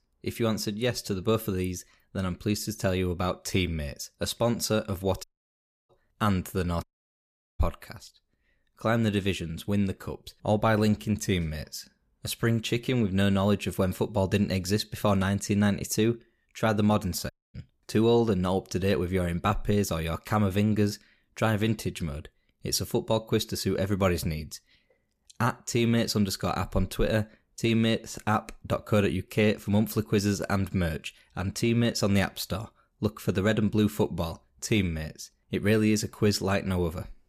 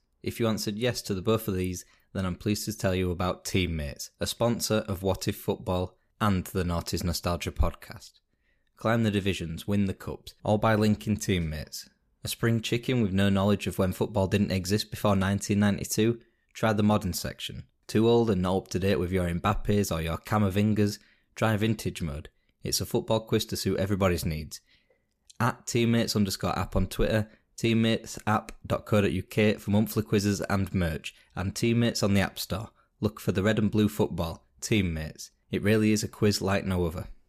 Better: second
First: audio cutting out; at 5 s for 0.5 s, at 7 s for 1 s and at 17 s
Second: none

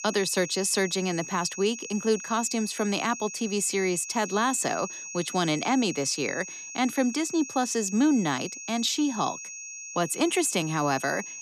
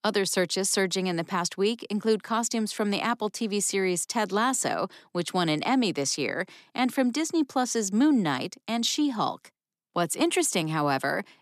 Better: second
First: high-pitched whine; loud; throughout; 6.5 kHz, 10 dB below the speech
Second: none

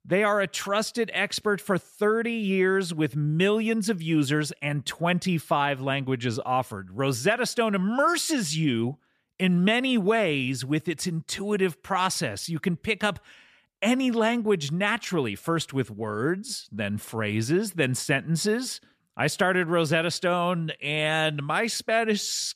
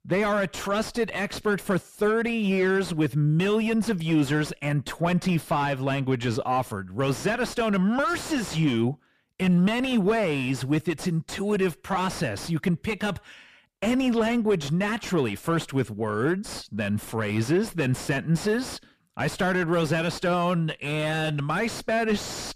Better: first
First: none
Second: distortion; heavy; 7 dB below the speech

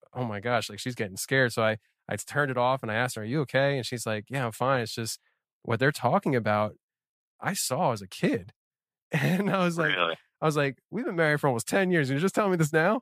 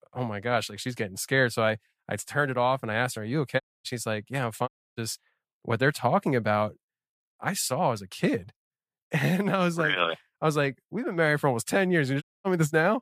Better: first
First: none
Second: audio cutting out; at 3.5 s, at 4.5 s and at 12 s

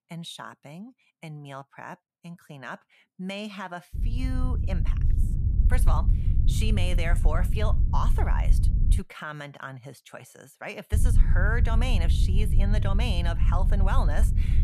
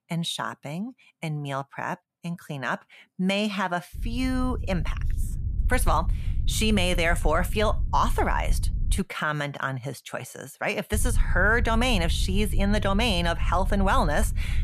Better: second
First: low rumble; loud; from 4 to 9 s and from 11 s on; 8 dB below the speech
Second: low rumble; faint; from 4 to 9 s and from 11 s on; 20 dB below the speech

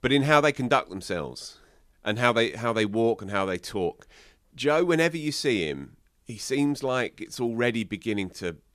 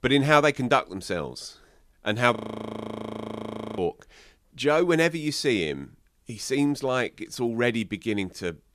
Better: first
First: none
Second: audio freezing; at 2.5 s for 1.5 s

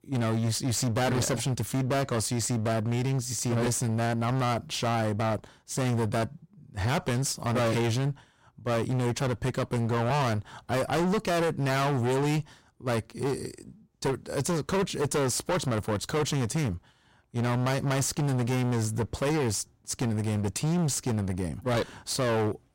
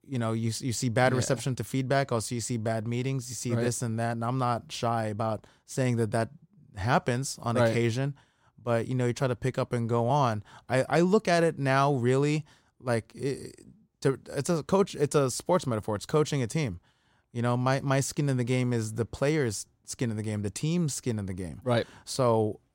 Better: second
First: distortion; heavy; 26% of the sound clipped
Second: none

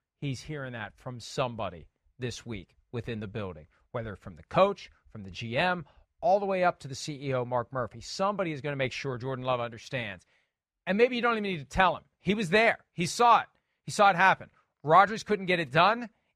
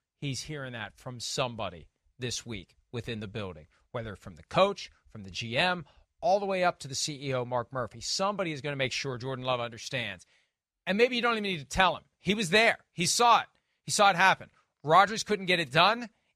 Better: second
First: muffled; slightly; fading above 3 kHz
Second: none

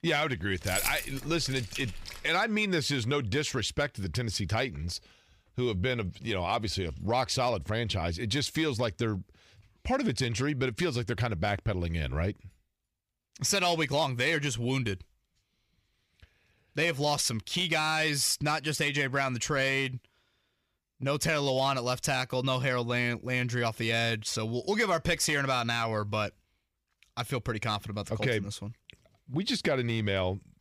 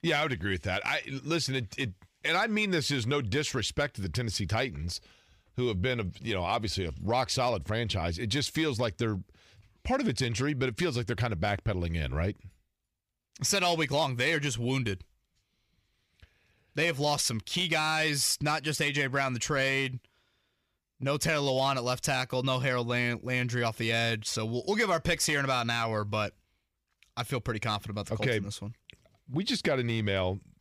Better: second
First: jangling keys; noticeable; from 0.5 to 2 s; peak 2 dB below the speech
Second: none

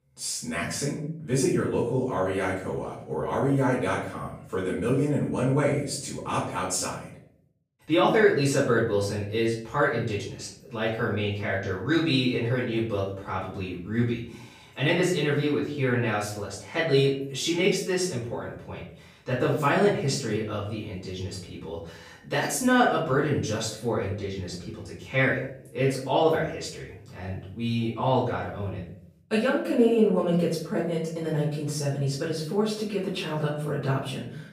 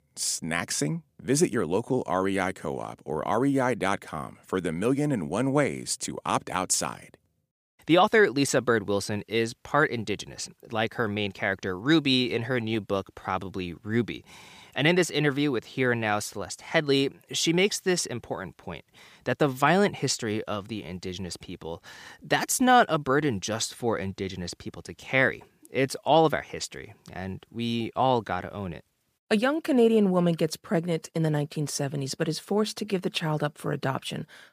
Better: second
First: off-mic speech; far // room echo; noticeable; dies away in 0.6 s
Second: none

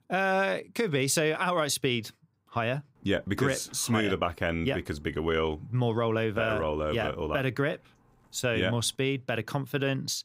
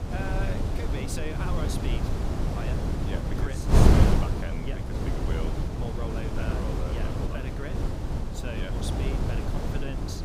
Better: first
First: none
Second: wind noise on the microphone; heavy; 4 dB above the speech

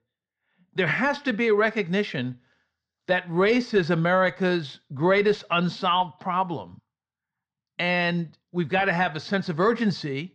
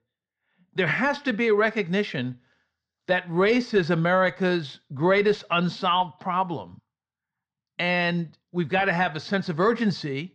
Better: neither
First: muffled; slightly; fading above 4 kHz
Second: muffled; slightly; fading above 4 kHz

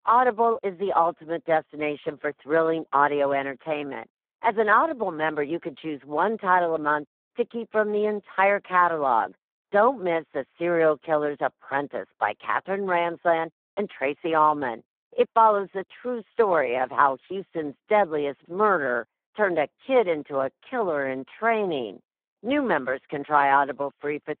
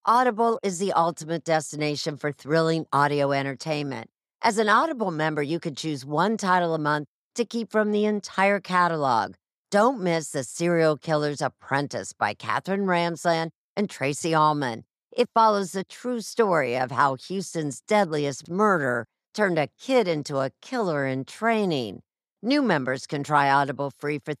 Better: second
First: phone-call audio; poor line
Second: none

